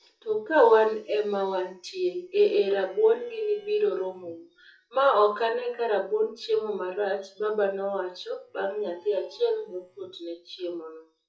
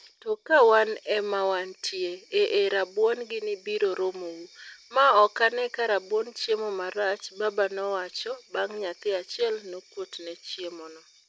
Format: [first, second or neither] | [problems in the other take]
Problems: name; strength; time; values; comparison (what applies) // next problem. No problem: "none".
second | noise reduction (classical method WPE with log-MMSE)